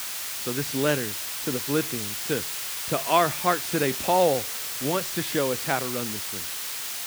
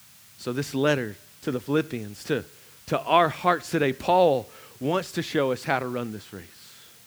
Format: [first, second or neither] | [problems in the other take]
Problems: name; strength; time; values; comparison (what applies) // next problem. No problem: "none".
second | hiss; loud; throughout; 2 dB below the speech; faint in the second